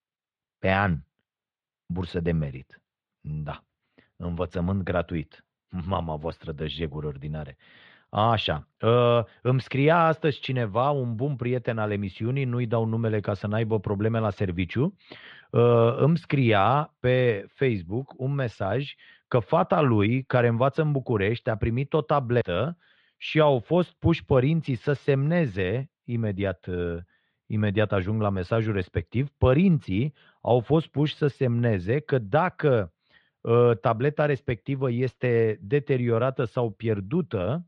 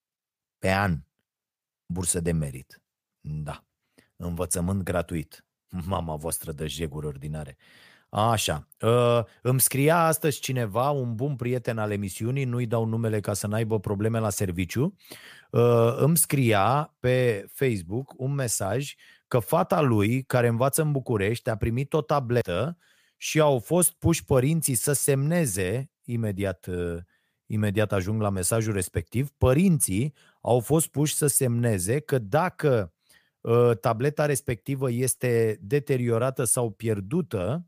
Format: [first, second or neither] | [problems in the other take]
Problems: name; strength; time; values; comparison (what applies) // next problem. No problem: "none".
second | muffled; very; fading above 3.5 kHz